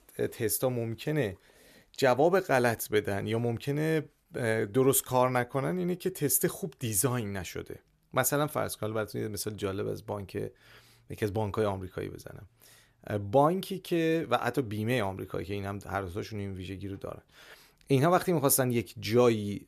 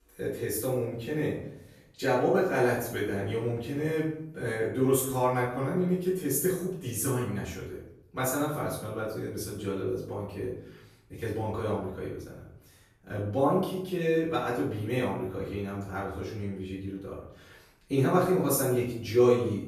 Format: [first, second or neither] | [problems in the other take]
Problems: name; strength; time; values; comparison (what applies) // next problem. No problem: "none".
first | off-mic speech; far // room echo; noticeable; dies away in 0.6 s